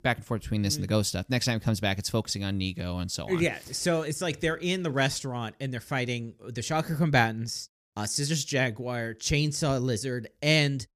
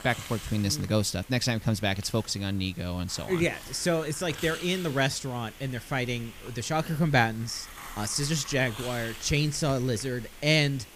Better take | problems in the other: first | hiss; noticeable; throughout; 15 dB below the speech

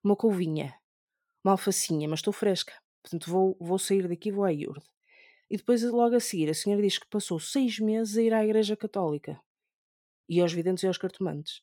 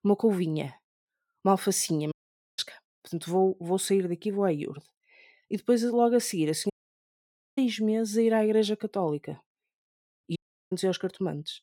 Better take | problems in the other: first | audio cutting out; at 2 s, at 6.5 s for 1 s and at 10 s

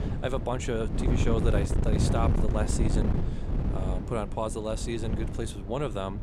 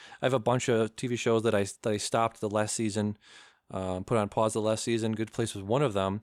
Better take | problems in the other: second | wind noise on the microphone; heavy; 5 dB below the speech

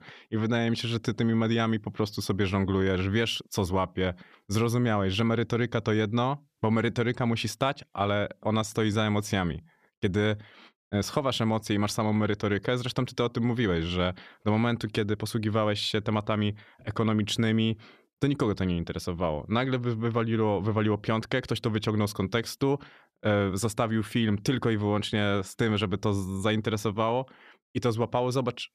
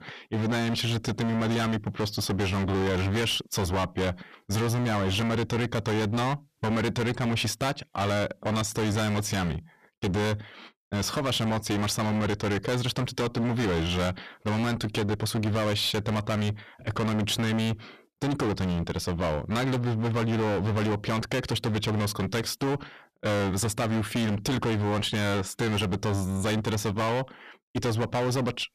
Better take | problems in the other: first | distortion; heavy; 30% of the sound clipped

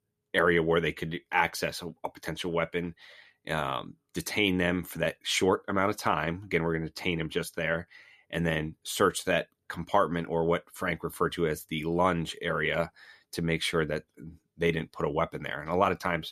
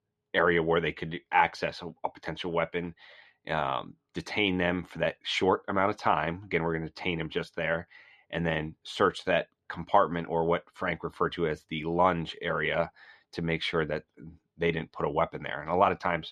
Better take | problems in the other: first | muffled; slightly; fading above 3.5 kHz

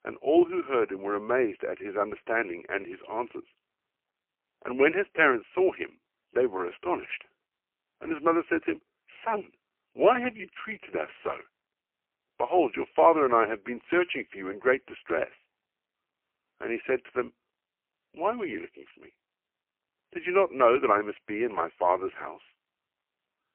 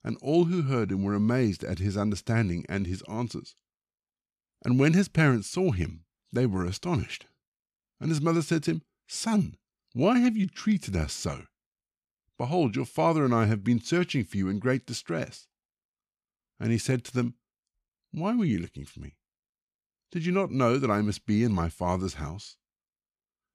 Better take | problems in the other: second | phone-call audio; poor line; nothing above 3 kHz

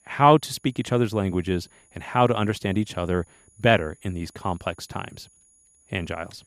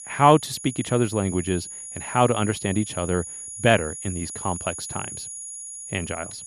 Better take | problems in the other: first | high-pitched whine; loud; throughout; 10.5 kHz, 10 dB below the speech; faint in the first

